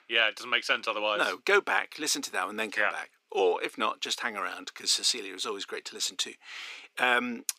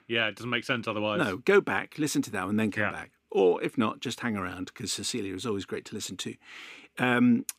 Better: second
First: thin; very; fading below 650 Hz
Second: none

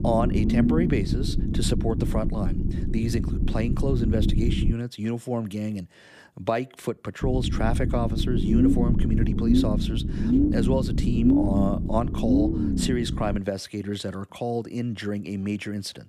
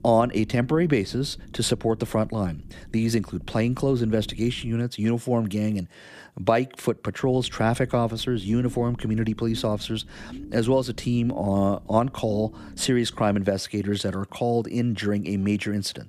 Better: second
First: low rumble; loud; until 4.5 s and from 7 to 13 s; as loud as the speech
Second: low rumble; faint; until 4.5 s and from 7 to 13 s; 25 dB below the speech

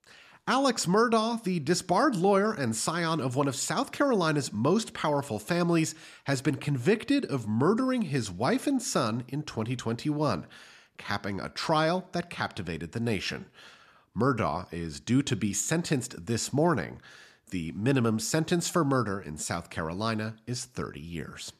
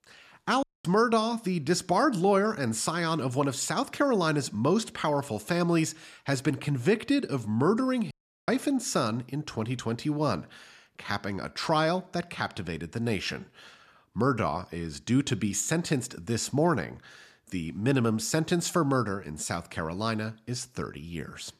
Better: first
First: none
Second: audio cutting out; at 0.5 s and at 8 s

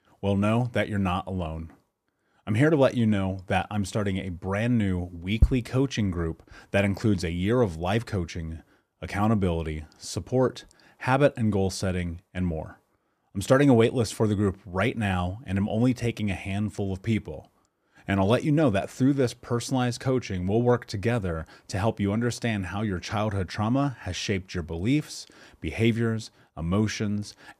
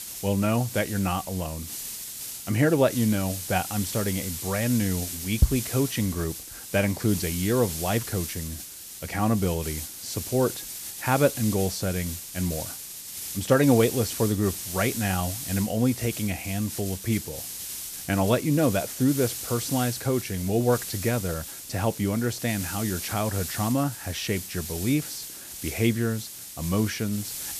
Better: first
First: none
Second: hiss; loud; throughout; 7 dB below the speech

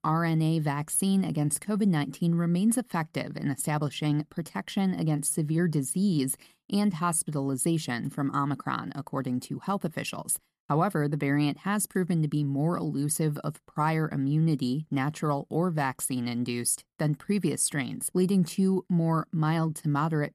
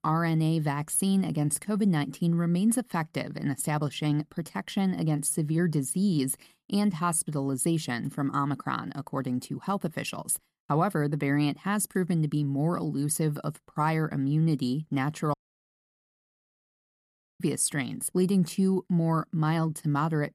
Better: first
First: none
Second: audio cutting out; at 15 s for 2 s

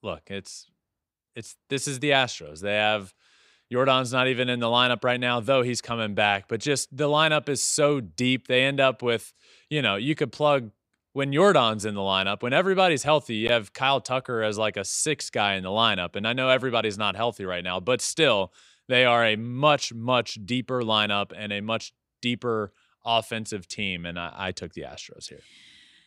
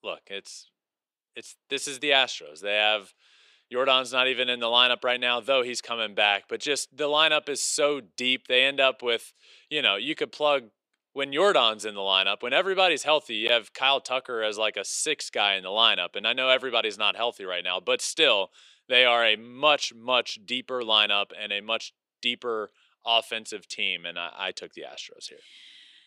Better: first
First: none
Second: thin; somewhat; fading below 400 Hz

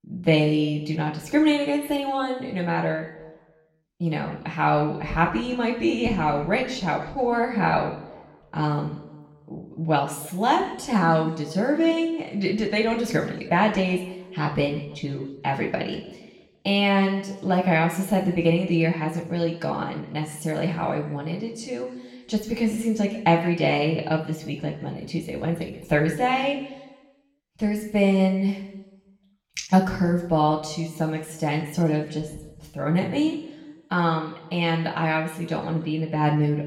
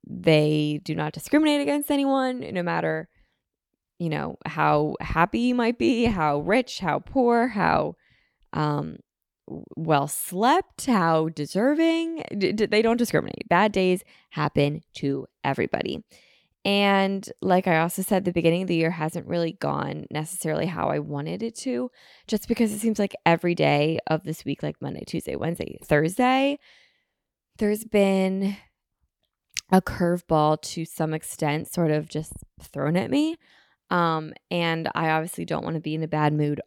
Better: second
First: room echo; slight; dies away in 0.9 s // off-mic speech; far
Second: none

